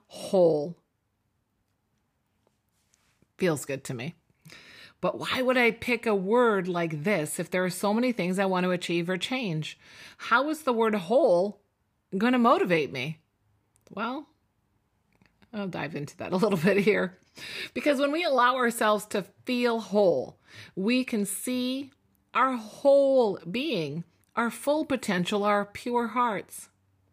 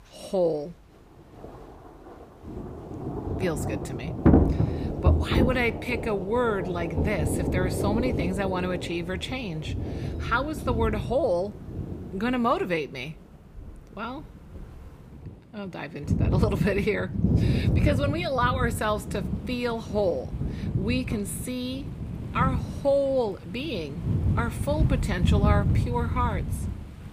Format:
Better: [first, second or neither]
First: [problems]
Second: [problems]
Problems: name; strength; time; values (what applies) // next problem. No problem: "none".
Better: first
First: none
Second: rain or running water; very loud; throughout; 1 dB above the speech